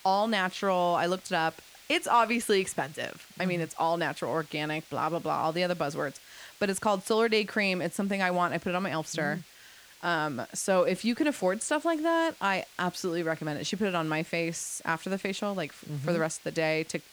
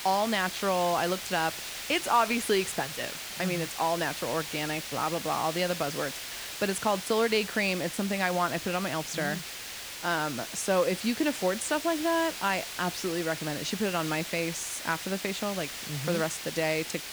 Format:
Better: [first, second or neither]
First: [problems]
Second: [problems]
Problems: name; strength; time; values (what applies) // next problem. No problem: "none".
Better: first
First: hiss; faint; throughout; 20 dB below the speech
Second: hiss; loud; throughout; 7 dB below the speech